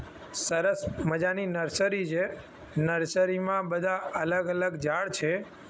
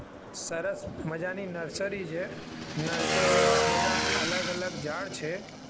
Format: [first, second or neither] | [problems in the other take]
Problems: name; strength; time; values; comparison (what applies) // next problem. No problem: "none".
first | background sound (Motorcycle / Engine); 4 dB above the speech